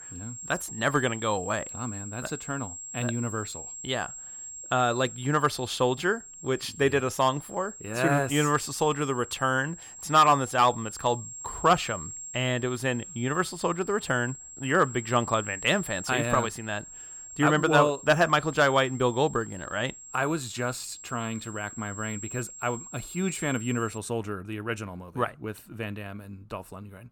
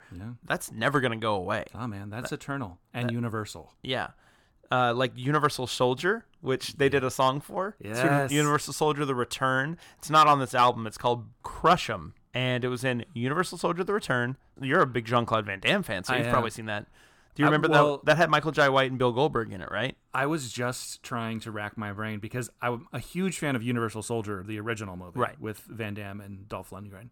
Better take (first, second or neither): second